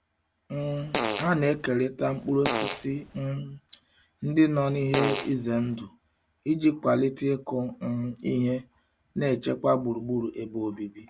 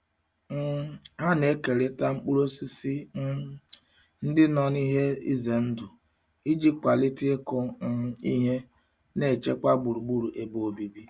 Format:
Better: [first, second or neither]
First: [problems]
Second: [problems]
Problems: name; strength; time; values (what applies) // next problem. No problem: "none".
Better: second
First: background sound (Fart); 6 dB below the speech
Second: none